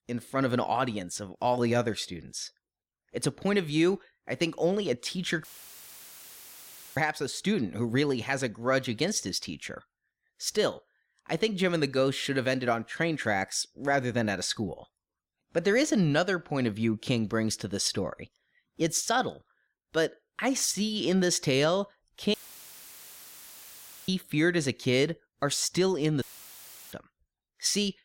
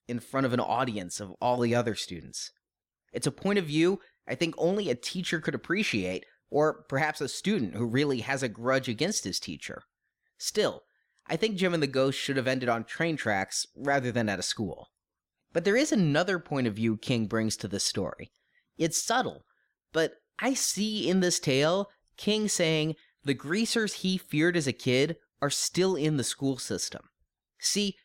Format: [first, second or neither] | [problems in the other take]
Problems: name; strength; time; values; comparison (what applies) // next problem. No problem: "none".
second | audio cutting out; filled with static; at 5.5 s for 1.5 s, at 22 s for 1.5 s and at 26 s for 0.5 s